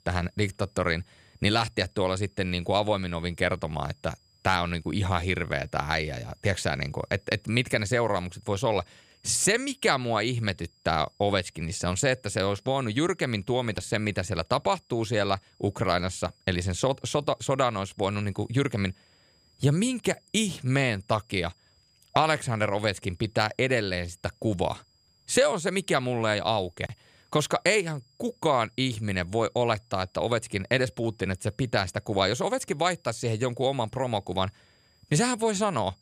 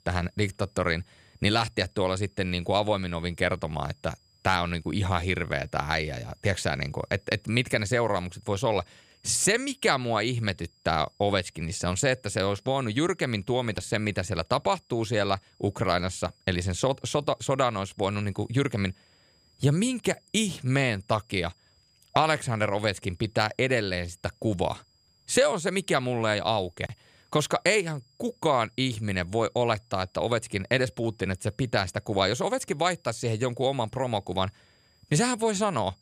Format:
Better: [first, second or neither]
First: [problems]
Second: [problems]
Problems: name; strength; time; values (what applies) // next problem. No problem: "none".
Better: neither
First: high-pitched whine; faint; throughout; 5 kHz, 35 dB below the speech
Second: high-pitched whine; faint; throughout; 5 kHz, 35 dB below the speech